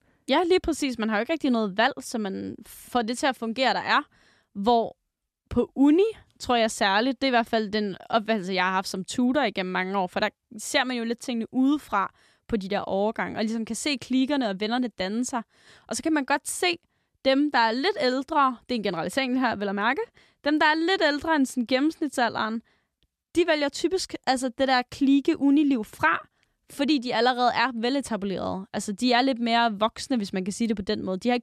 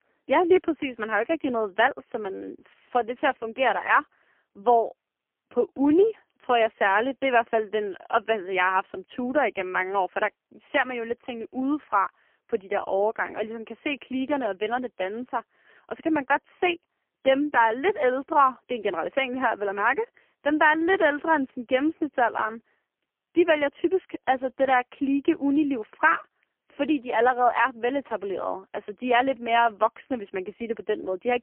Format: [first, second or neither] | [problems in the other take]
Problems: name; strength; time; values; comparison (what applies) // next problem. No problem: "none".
first | phone-call audio; poor line; nothing above 3 kHz